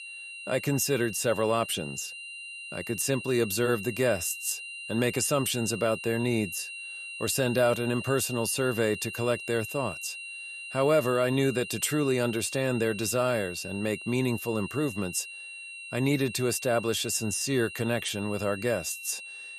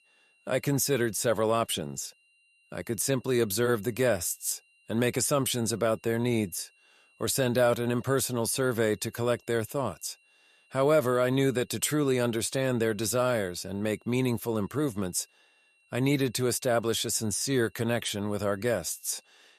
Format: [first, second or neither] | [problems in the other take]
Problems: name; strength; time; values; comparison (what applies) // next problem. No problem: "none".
second | high-pitched whine; loud; throughout; 3 kHz, 10 dB below the speech; faint in the second